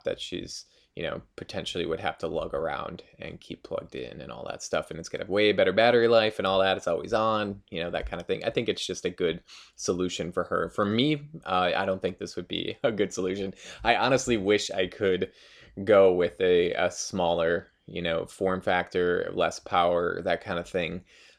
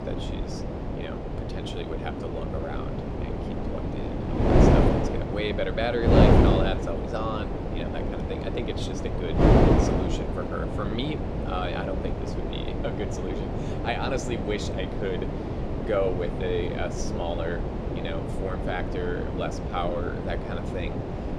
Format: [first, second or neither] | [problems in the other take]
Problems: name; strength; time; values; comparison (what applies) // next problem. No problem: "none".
first | wind noise on the microphone; heavy; 2 dB above the speech